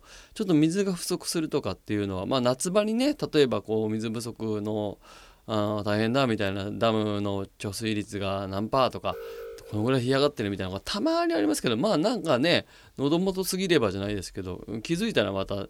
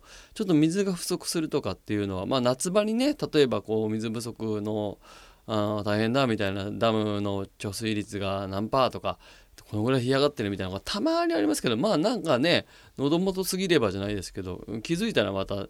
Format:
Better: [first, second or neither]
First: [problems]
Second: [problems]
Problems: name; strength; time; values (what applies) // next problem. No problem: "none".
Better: second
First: alarm; faint; from 9 to 10 s; peak 15 dB below the speech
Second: none